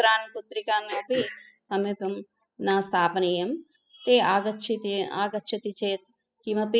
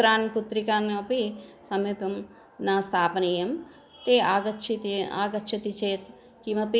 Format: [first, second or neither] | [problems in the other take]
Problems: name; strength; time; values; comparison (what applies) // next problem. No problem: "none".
second | noise reduction (classical method spectral subtraction)